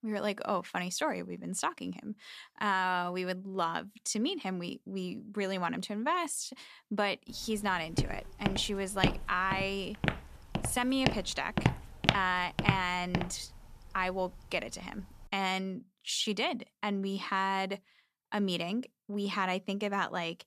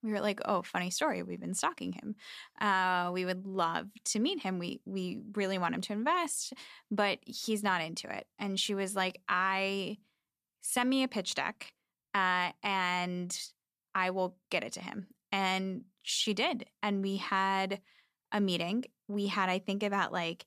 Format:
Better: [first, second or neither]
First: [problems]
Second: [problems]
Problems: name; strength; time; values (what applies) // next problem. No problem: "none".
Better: second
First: footsteps; loud; from 8 to 13 s; peak 3 dB above the speech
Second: none